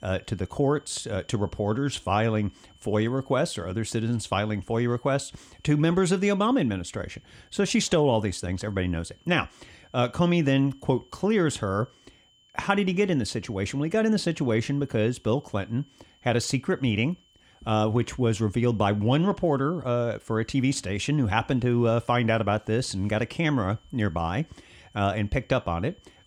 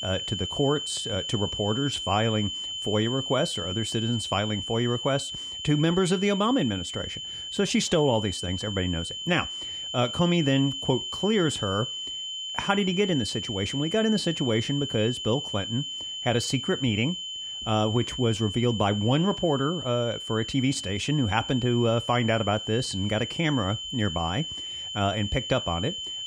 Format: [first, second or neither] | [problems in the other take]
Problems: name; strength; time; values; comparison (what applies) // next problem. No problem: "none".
first | high-pitched whine; loud; throughout; 3 kHz, 5 dB below the speech; faint in the first